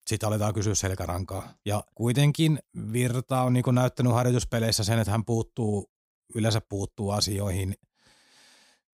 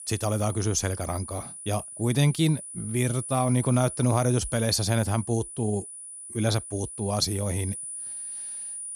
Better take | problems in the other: first | high-pitched whine; loud; throughout; 10 kHz, 9 dB below the speech

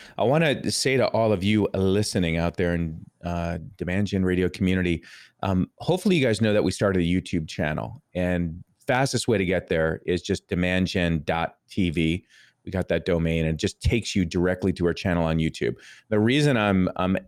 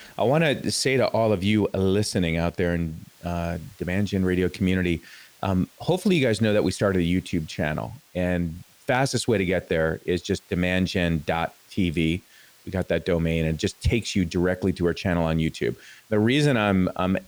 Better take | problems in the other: first | hiss; faint; throughout; 30 dB below the speech

